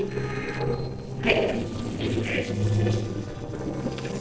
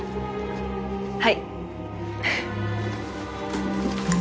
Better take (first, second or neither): second